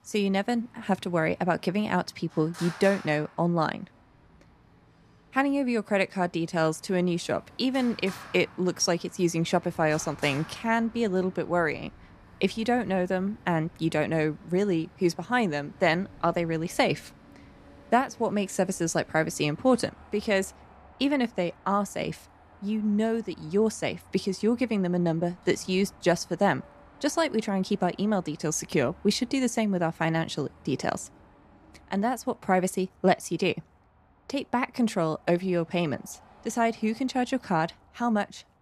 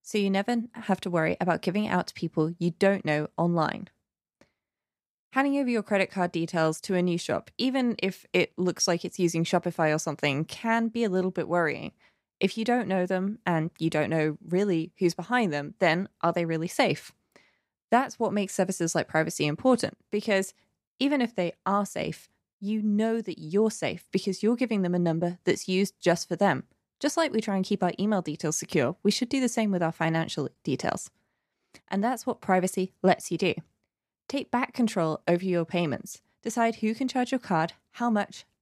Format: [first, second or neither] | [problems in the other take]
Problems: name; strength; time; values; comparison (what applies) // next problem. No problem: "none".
second | traffic noise; faint; throughout; 25 dB below the speech